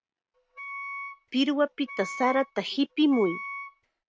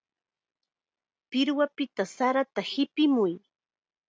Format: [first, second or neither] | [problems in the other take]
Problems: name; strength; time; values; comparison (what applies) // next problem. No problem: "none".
second | background sound (Wind instrument, woodwind instrument); 12 dB below the speech